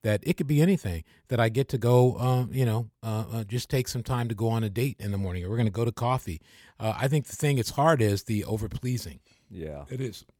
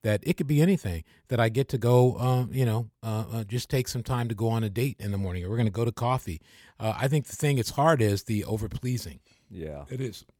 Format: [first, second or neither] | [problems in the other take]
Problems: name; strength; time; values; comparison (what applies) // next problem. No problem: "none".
neither | none